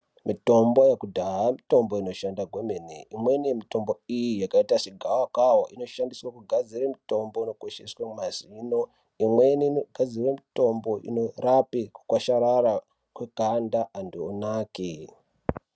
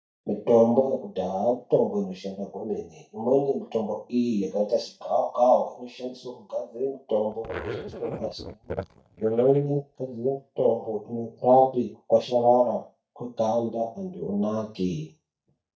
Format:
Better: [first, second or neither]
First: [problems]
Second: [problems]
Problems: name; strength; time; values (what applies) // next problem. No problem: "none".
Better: first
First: none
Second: noise reduction (neural mask model DeepFilterNet 3)